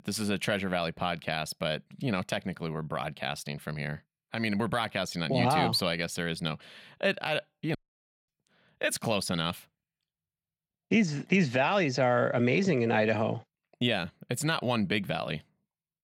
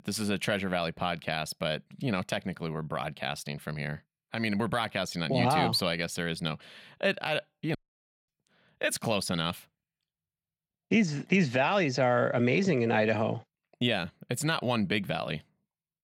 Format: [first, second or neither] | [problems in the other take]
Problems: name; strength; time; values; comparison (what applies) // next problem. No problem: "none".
neither | audio cutting out; at 8 s for 0.5 s; the same in both